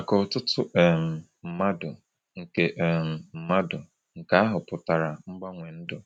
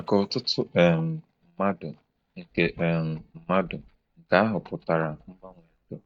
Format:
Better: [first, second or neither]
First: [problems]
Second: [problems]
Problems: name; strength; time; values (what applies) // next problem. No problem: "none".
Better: first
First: none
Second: noise reduction (neural mask model DeepFilterNet 3)